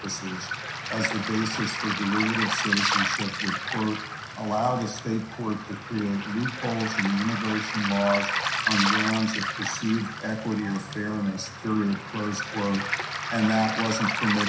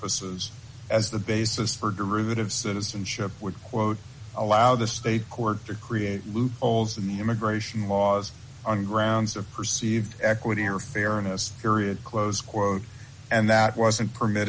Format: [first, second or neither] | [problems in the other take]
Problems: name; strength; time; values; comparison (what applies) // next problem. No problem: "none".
second | background sound (Waves, surf); 2 dB below the speech // room echo; dies away in 0.7 s